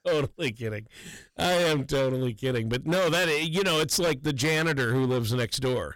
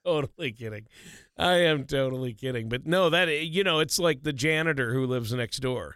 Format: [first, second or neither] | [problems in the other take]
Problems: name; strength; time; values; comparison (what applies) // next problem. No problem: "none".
second | distortion; heavy; 19% of the sound clipped